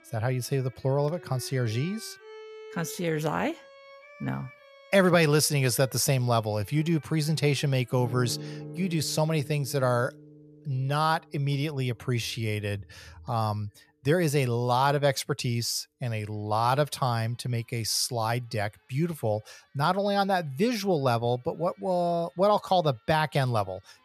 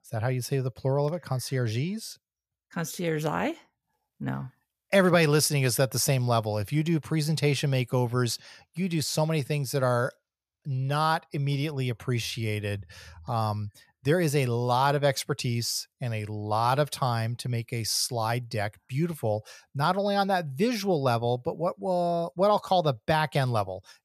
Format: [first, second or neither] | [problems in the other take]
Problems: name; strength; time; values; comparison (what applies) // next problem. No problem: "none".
second | background music; noticeable; throughout; 20 dB below the speech